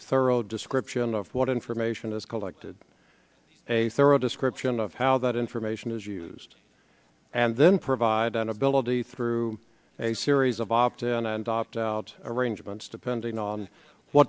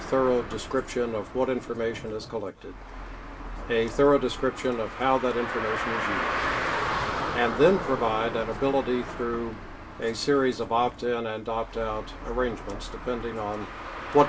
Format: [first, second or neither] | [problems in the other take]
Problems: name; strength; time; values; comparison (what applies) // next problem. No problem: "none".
first | background sound (Car); 7 dB below the speech // room echo; dies away in 0.2 s